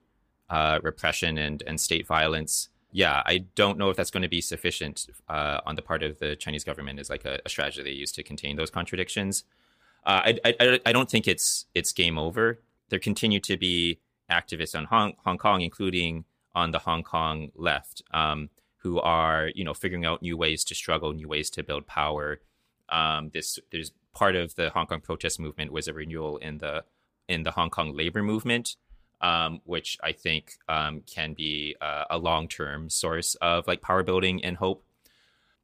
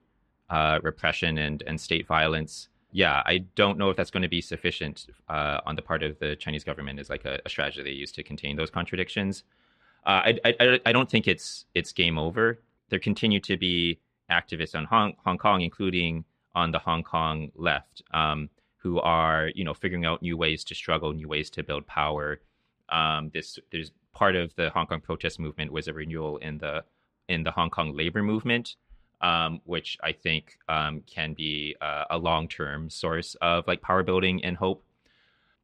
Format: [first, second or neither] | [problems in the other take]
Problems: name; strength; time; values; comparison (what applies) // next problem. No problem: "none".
first | muffled; slightly; fading above 3 kHz